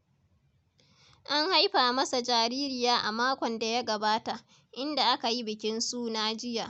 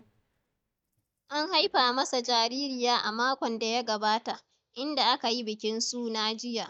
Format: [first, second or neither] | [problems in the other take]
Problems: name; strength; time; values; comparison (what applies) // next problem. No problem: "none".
first | noise reduction (neural mask model DeepFilterNet 3)